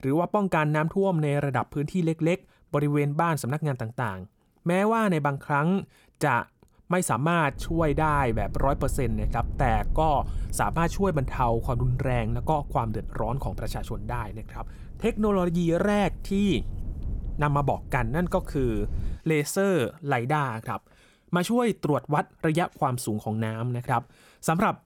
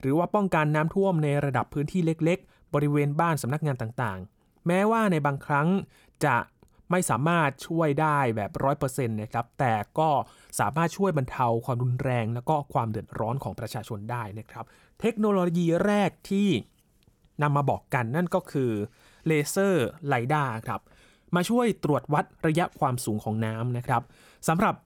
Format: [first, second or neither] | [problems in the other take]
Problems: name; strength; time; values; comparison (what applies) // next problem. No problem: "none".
second | low rumble; faint; from 7.5 to 19 s; 25 dB below the speech